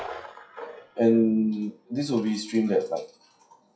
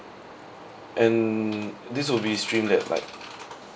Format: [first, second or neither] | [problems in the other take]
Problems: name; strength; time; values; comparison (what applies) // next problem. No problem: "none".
second | noise reduction (classical method WPE with log-MMSE)